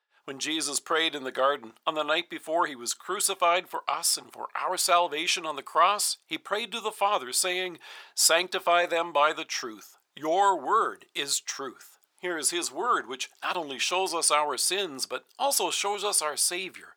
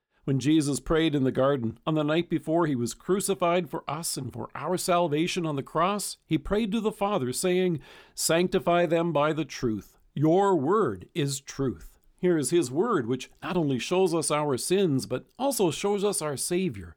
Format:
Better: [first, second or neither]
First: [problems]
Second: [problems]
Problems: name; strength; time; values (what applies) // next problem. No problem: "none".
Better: second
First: thin; very; fading below 900 Hz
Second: none